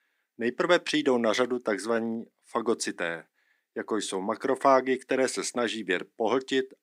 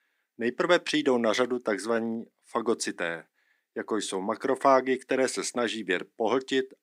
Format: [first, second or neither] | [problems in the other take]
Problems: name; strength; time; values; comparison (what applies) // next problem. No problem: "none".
neither | thin; very slightly; fading below 250 Hz; the same in both